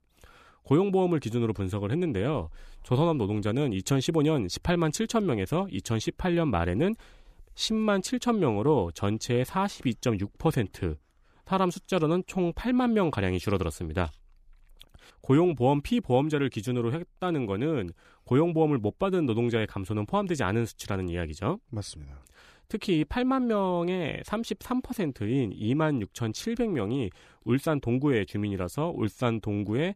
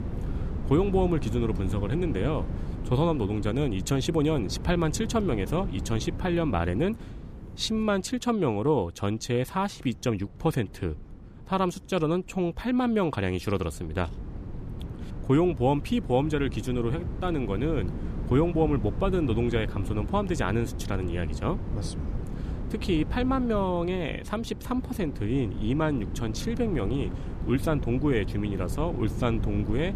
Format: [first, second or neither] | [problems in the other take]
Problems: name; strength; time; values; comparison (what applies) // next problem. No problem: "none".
first | wind noise on the microphone; occasional gusts; 15 dB below the speech